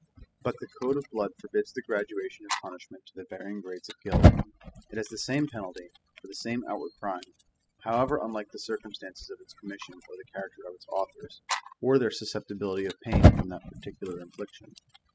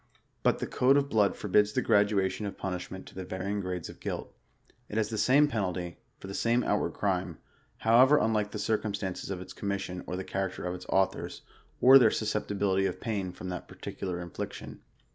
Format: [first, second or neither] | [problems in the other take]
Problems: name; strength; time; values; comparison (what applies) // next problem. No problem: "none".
second | noise reduction (classical method spectral subtraction)